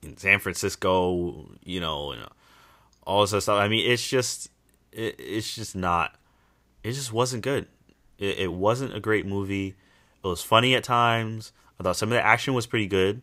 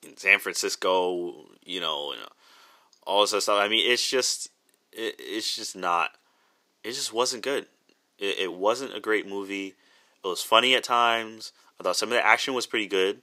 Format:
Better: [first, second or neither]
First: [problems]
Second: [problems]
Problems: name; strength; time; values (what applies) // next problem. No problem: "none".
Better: first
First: none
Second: thin; somewhat; fading below 300 Hz